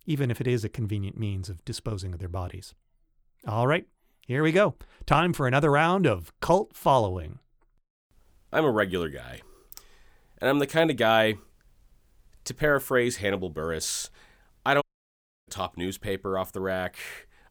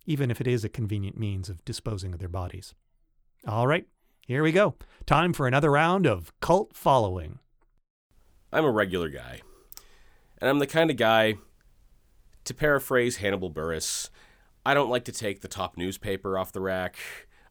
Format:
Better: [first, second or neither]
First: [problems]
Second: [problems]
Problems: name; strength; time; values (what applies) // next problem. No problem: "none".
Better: second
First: audio cutting out; at 15 s for 0.5 s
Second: none